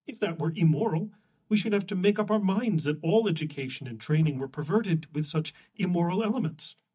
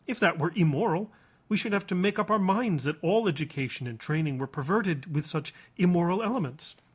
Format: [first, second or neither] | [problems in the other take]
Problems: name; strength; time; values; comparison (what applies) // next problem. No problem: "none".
second | noise reduction (neural mask model DeepFilterNet 3)